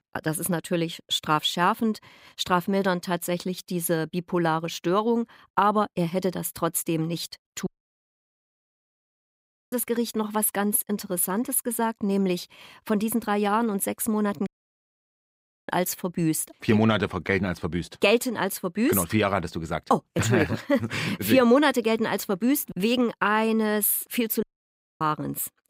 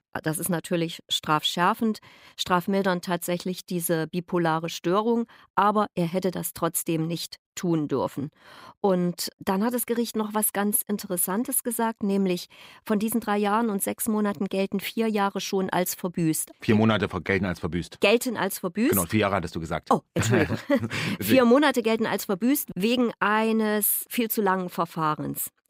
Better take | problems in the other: second | audio cutting out; at 7.5 s for 2 s, at 14 s for 1 s and at 24 s for 0.5 s

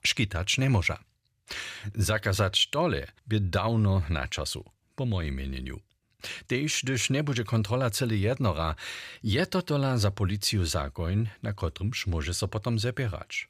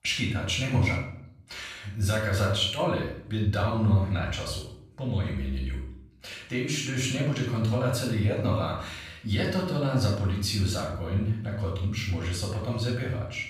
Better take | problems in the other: first | off-mic speech; far // room echo; noticeable; dies away in 0.6 s

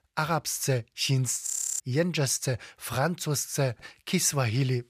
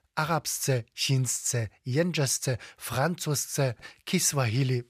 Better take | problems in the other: second | audio freezing; at 1.5 s

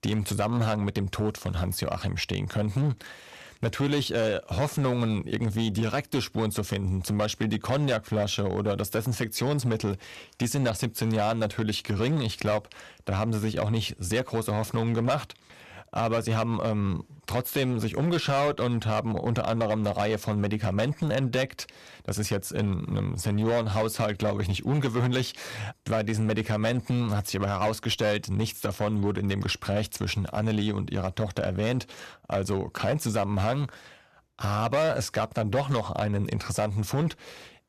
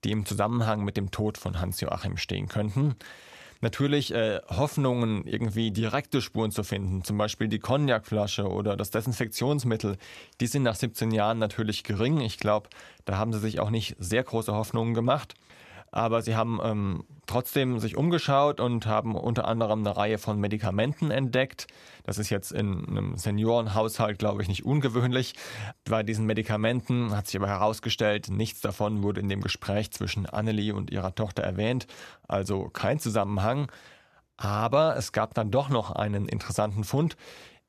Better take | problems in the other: second | distortion; slight; 10% of the sound clipped

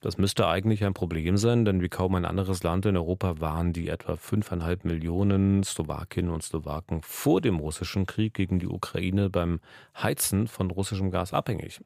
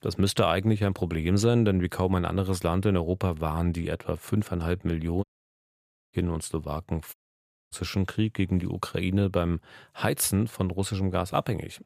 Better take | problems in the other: first | audio cutting out; at 5 s for 1 s and at 7 s for 0.5 s

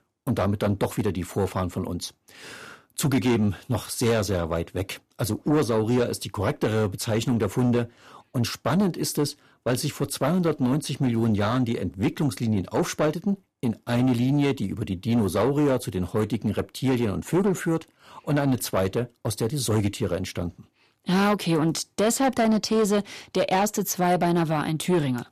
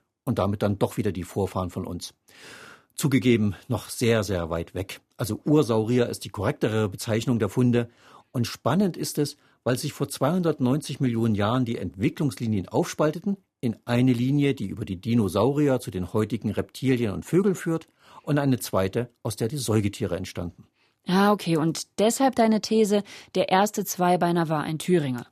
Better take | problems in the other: second | distortion; slight; 10 dB below the speech

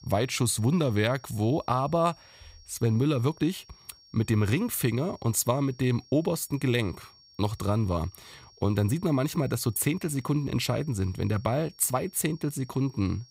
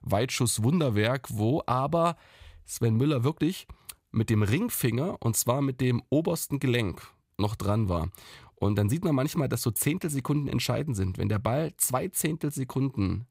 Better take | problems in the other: second | high-pitched whine; faint; throughout; 5.5 kHz, 25 dB below the speech

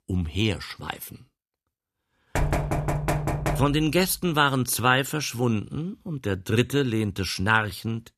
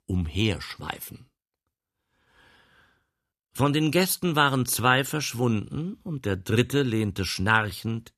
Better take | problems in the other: second | door banging; noticeable; from 2.5 to 4 s; peak 1 dB below the speech

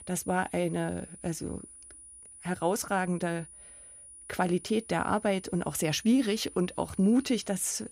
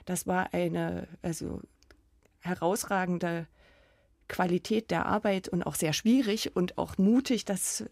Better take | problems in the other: second | high-pitched whine; noticeable; throughout; 9.5 kHz, 15 dB below the speech

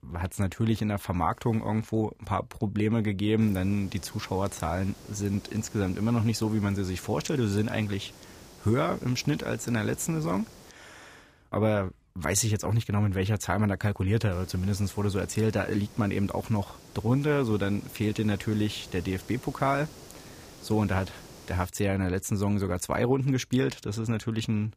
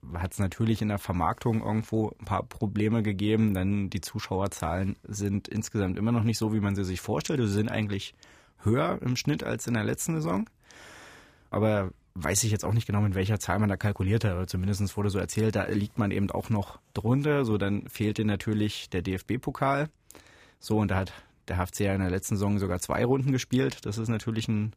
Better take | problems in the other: second | hiss; noticeable; from 3.5 to 11 s and from 14 to 22 s; 20 dB below the speech

